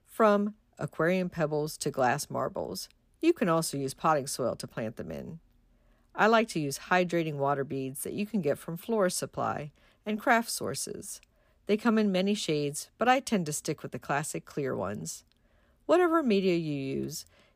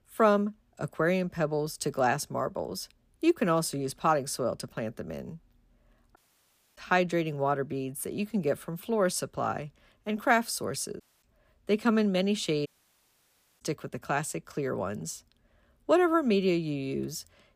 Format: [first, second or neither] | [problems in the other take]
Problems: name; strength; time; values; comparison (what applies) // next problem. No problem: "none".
first | audio cutting out; at 6 s for 0.5 s, at 11 s and at 13 s for 1 s